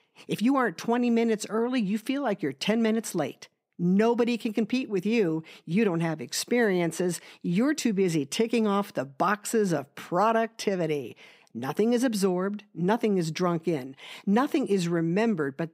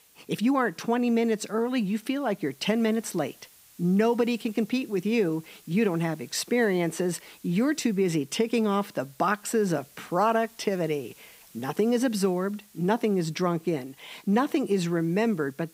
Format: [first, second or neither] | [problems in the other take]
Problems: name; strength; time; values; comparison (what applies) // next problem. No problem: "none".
first | hiss; faint; throughout; 25 dB below the speech